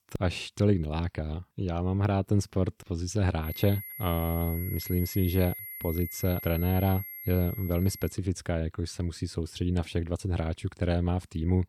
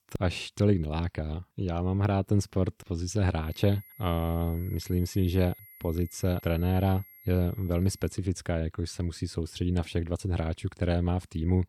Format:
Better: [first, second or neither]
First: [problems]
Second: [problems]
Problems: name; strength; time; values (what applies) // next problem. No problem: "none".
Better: second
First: high-pitched whine; loud; from 3.5 to 8 s; 11.5 kHz, 9 dB below the speech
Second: high-pitched whine; faint; from 3.5 to 8 s; 11.5 kHz, 20 dB below the speech